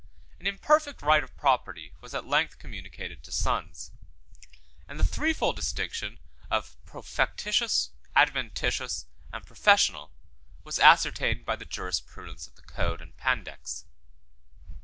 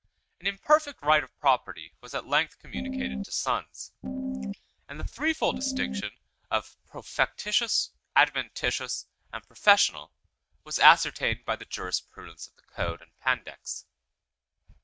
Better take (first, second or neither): first